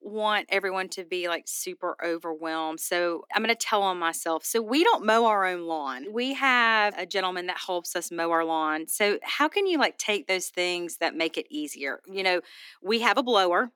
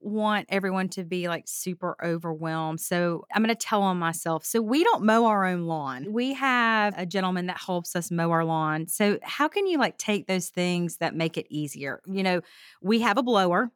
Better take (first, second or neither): second